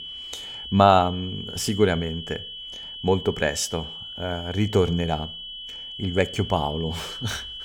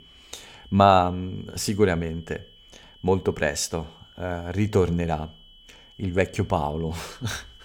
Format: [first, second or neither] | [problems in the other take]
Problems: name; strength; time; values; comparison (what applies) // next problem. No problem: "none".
second | high-pitched whine; loud; throughout; 3 kHz, 10 dB below the speech; faint in the second